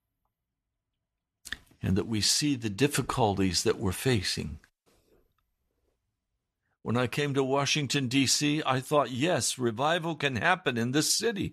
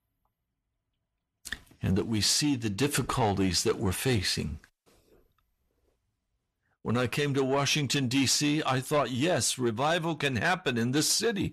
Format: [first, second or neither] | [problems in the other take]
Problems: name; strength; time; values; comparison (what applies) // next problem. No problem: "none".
first | distortion; slight; 10 dB below the speech